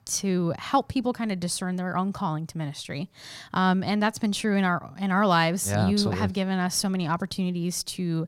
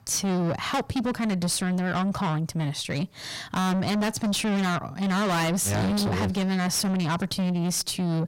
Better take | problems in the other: first | distortion; heavy; 6 dB below the speech

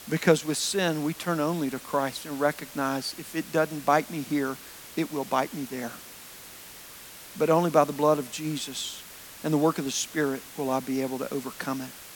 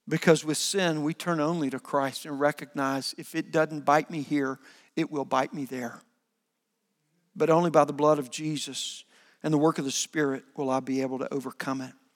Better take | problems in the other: second | hiss; noticeable; throughout; 15 dB below the speech

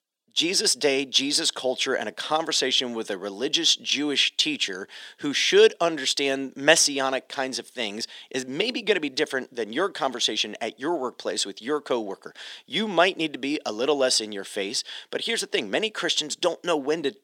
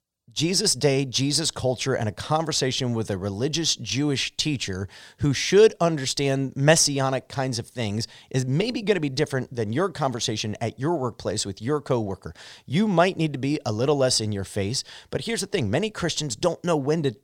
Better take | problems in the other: second | thin; very slightly; fading below 250 Hz

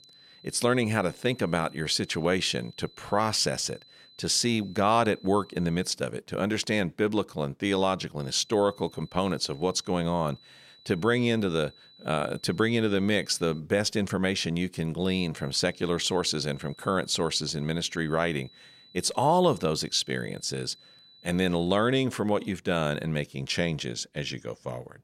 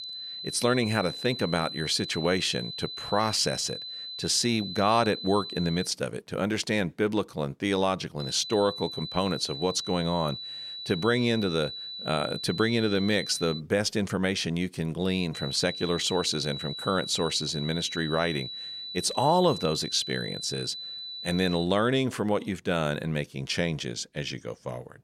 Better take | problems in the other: first | high-pitched whine; loud; until 6 s, from 8 to 14 s and from 15 to 22 s; 4 kHz, 8 dB below the speech; faint in the first

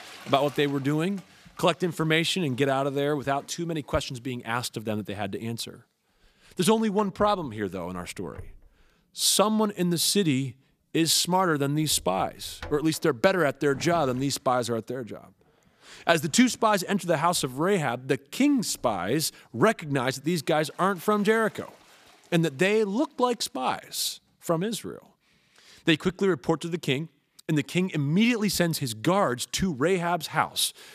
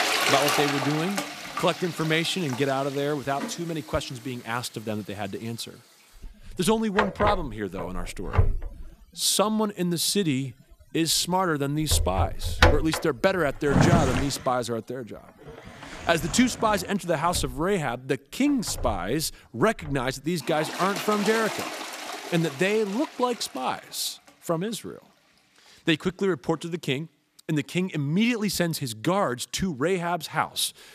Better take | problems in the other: first | household noises; loud; throughout; 3 dB below the speech; faint in the first

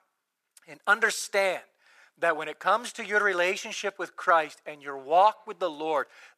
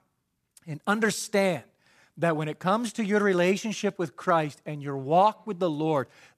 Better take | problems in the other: second | thin; very; fading below 600 Hz

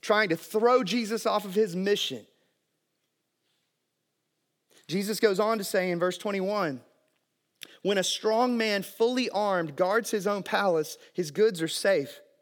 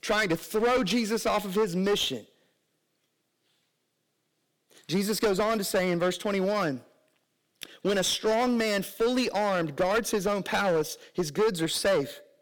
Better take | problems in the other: first | distortion; heavy; 11% of the sound clipped

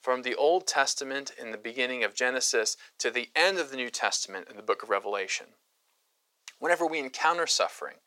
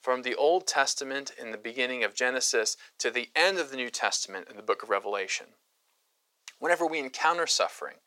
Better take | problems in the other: neither | thin; very; fading below 450 Hz; the same in both

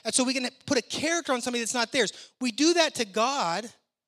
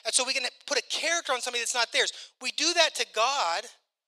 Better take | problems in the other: first | thin; very; fading below 550 Hz

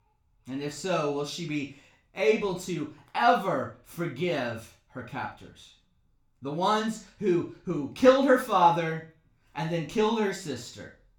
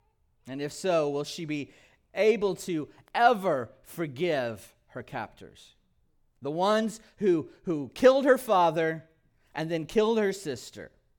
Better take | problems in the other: second | room echo; slight; dies away in 0.3 s // off-mic speech; somewhat distant

